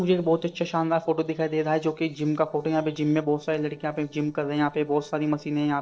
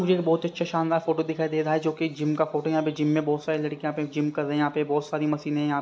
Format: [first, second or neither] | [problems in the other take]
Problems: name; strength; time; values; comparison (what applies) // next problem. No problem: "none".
second | noise reduction (neural separator model SepFormer DNS4)